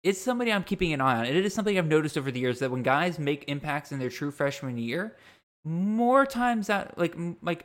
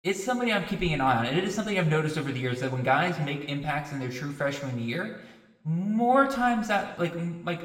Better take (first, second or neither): first